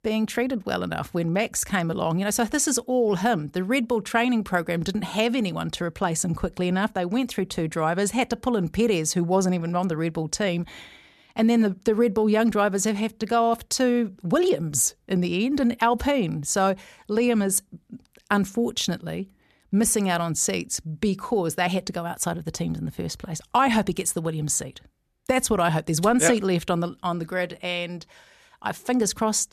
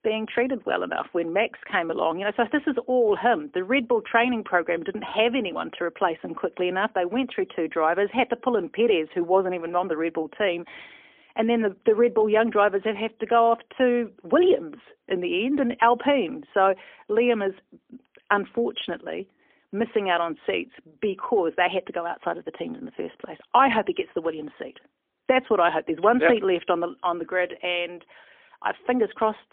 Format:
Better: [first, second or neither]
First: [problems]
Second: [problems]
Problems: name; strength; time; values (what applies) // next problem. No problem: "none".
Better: first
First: none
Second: phone-call audio; poor line; nothing above 3.5 kHz